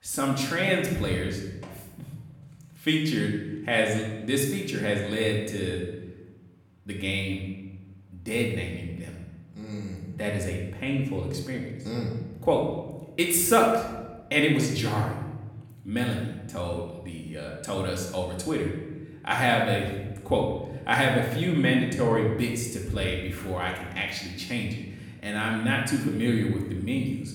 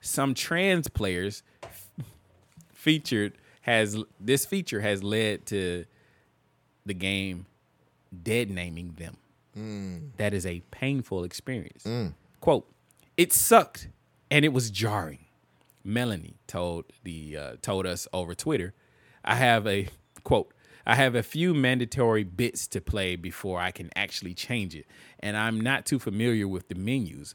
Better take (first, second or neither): second